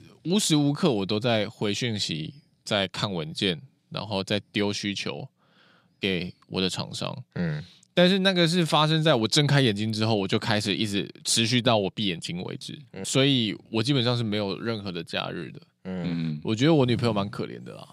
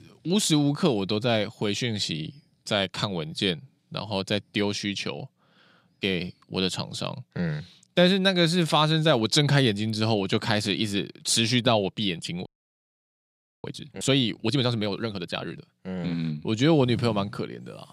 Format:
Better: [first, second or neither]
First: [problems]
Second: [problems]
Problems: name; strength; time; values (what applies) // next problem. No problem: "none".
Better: first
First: none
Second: audio freezing; at 12 s for 1 s